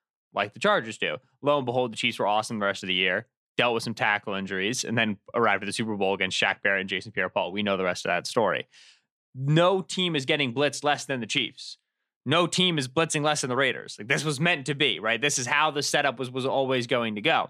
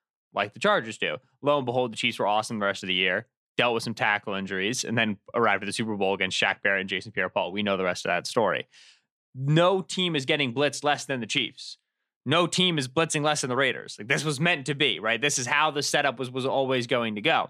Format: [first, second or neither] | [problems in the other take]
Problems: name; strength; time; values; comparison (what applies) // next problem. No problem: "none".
neither | none